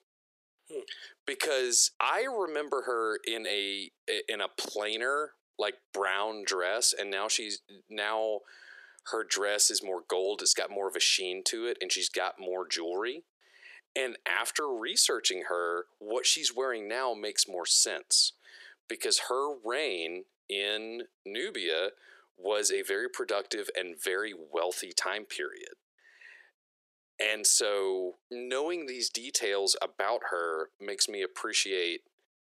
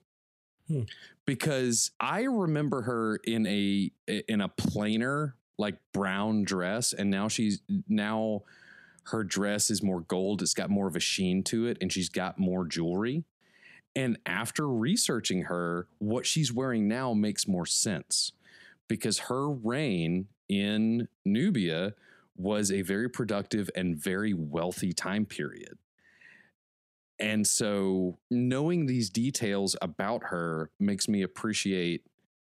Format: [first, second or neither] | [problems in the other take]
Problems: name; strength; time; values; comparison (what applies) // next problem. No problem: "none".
second | thin; very; fading below 400 Hz